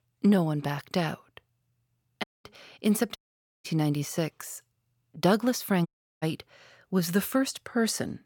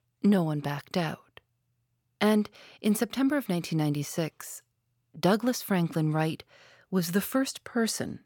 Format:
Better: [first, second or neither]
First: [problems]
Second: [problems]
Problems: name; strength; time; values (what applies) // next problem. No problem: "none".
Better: second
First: audio cutting out; at 2 s, at 3 s and at 6 s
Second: none